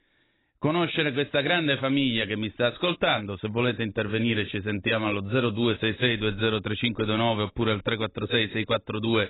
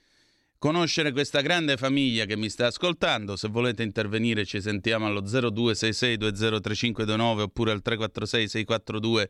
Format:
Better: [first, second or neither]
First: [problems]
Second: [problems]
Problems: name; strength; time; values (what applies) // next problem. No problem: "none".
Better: second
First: garbled, watery; badly; nothing above 4 kHz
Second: none